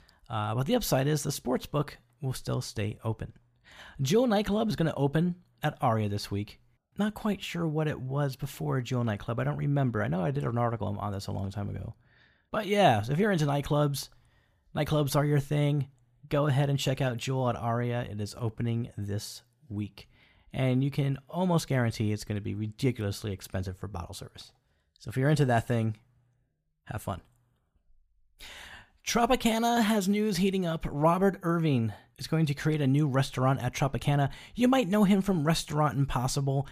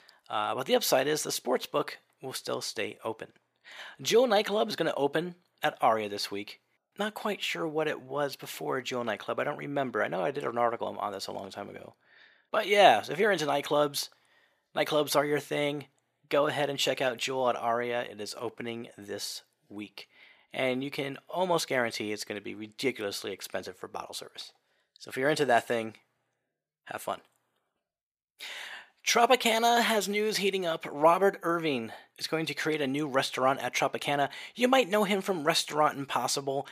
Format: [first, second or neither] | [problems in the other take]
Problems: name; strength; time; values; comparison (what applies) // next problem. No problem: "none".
first | thin; somewhat; fading below 450 Hz